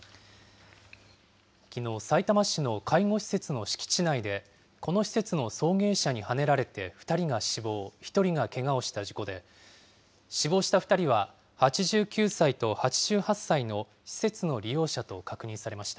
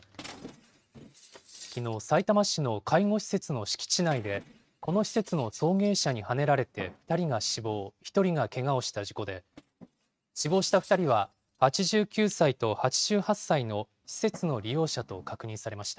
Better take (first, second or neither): first